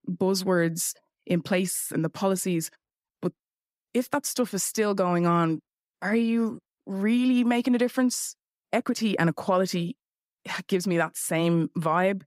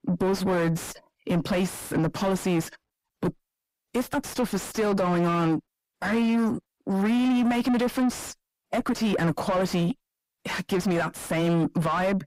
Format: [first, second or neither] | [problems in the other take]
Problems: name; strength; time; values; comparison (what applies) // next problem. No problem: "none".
first | distortion; heavy; 6 dB below the speech